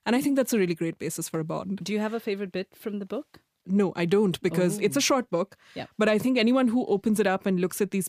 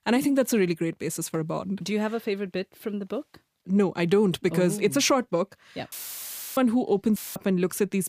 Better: first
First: none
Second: audio cutting out; filled with static; at 6 s for 0.5 s and at 7 s

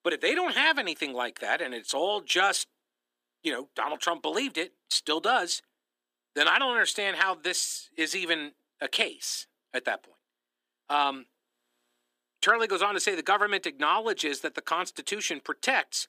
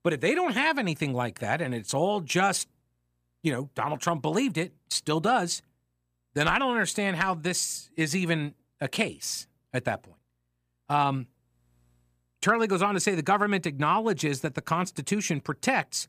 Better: second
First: thin; somewhat; fading below 300 Hz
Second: none

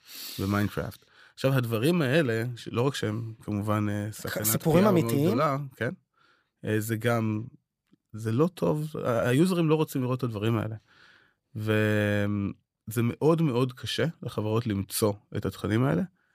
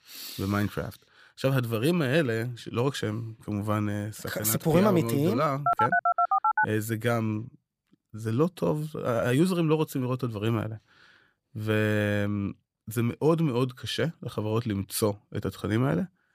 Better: first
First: none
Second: phone ringing; loud; at 5.5 s; peak 4 dB above the speech

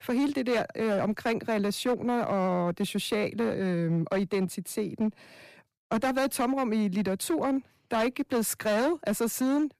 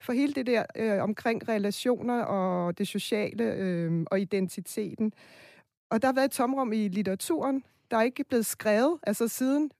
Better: second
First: distortion; slight; 12% of the sound clipped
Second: none

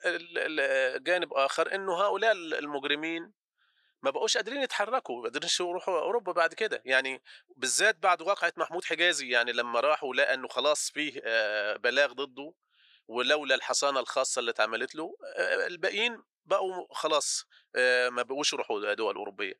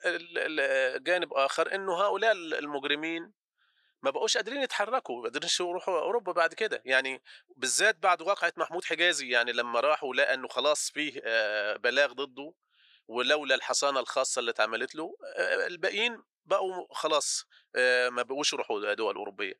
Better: neither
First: thin; somewhat; fading below 650 Hz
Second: thin; somewhat; fading below 650 Hz

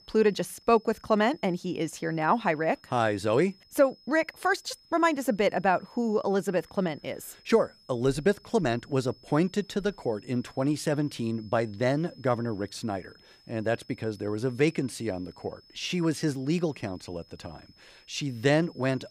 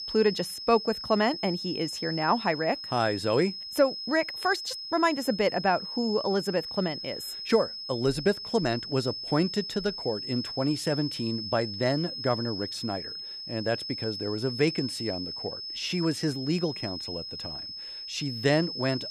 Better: first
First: high-pitched whine; faint; throughout; 5 kHz, 30 dB below the speech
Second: high-pitched whine; loud; throughout; 5 kHz, 6 dB below the speech

